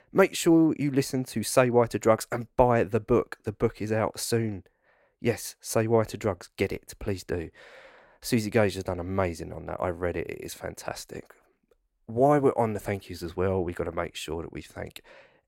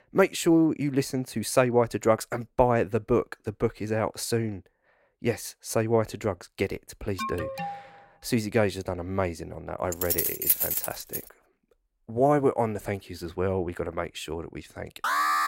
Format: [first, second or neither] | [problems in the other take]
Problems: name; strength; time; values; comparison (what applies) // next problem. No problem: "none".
first | alarm; noticeable; at 7 s; peak 6 dB below the speech // jangling keys; loud; from 10 to 11 s; peak 5 dB above the speech // alarm; loud; at 15 s; peak 3 dB above the speech